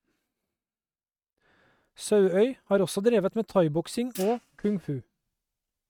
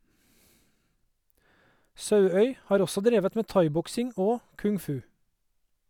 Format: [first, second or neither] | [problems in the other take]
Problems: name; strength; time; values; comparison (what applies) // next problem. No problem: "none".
second | noise reduction (neural mask model RNNoise)